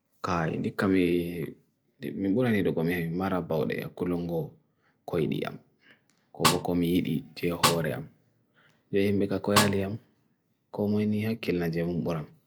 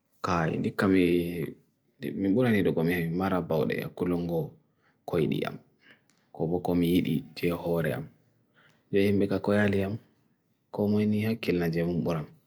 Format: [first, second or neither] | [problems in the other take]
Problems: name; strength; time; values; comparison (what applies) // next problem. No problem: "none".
second | background sound (Snare drum); 1 dB below the speech